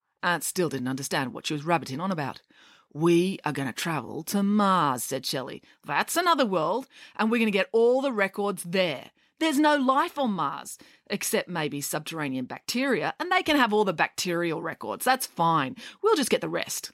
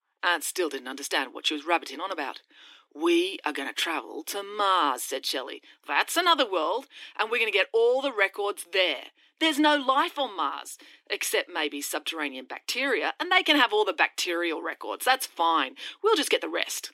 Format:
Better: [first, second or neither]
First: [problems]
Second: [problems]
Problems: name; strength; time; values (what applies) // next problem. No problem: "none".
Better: first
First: none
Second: thin; somewhat; fading below 300 Hz